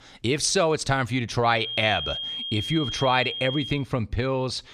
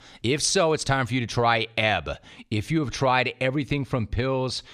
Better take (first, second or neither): second